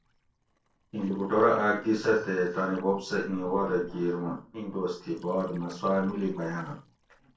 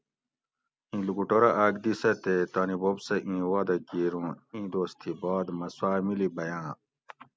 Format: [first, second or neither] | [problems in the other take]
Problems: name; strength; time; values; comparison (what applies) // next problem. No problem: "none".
second | noise reduction (neural separator model SepFormer DNS4)